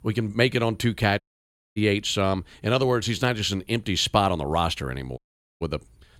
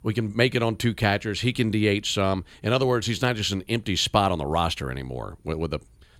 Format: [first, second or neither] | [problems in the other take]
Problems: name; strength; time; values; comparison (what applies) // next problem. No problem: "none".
second | audio cutting out; at 1 s for 0.5 s and at 5 s